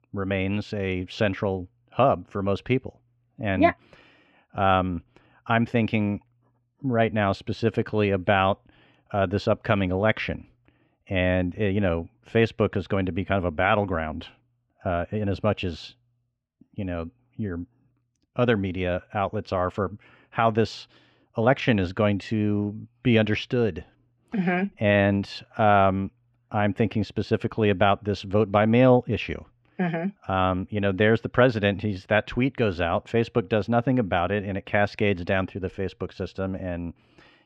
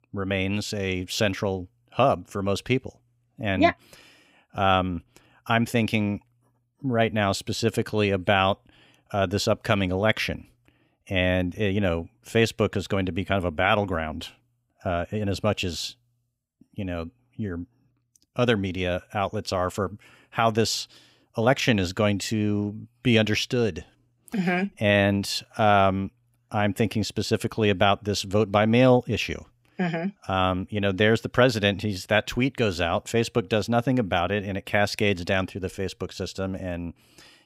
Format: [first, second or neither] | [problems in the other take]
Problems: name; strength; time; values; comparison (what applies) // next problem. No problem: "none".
second | muffled; slightly; fading above 2.5 kHz